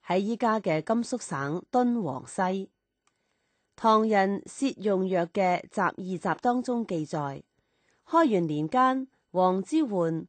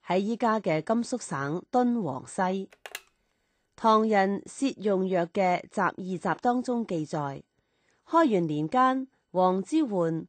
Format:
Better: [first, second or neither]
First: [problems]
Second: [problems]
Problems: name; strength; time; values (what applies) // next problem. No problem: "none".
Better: first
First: none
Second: phone ringing; faint; at 2.5 s; peak 15 dB below the speech